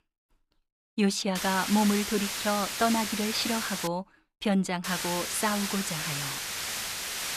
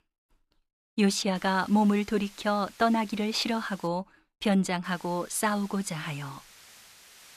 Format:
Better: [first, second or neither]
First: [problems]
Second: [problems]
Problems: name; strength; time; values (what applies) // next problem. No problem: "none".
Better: second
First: hiss; loud; from 1.5 to 4 s and from 5 s on; 3 dB below the speech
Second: hiss; faint; from 1.5 to 4 s and from 5 s on; 25 dB below the speech